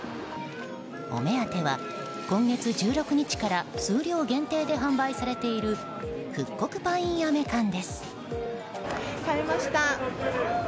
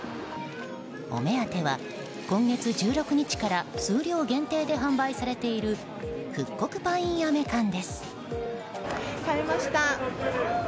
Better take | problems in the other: second | background sound (Wind instrument, woodwind instrument); 14 dB below the speech

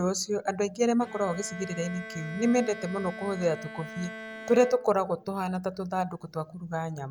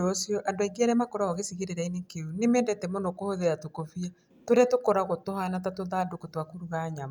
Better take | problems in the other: second | background sound (Bowed string instrument); 15 dB below the speech

